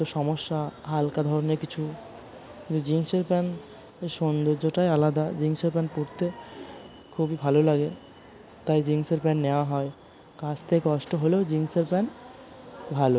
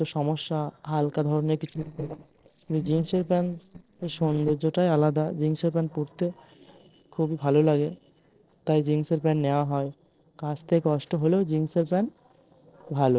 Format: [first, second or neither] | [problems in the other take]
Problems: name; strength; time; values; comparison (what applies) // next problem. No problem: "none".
first | noise reduction (neural separator model SepFormer DNS4)